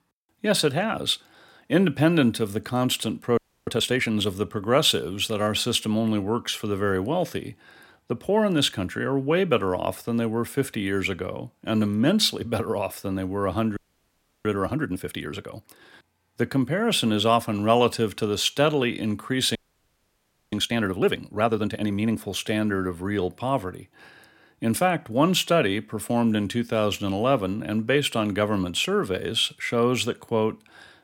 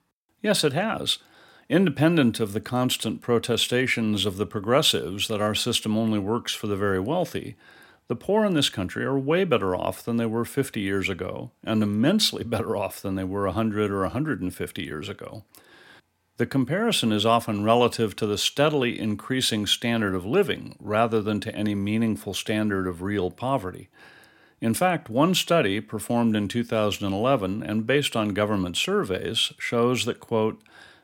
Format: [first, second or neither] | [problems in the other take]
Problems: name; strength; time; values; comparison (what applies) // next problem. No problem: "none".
second | audio freezing; at 3.5 s, at 14 s for 0.5 s and at 20 s for 1 s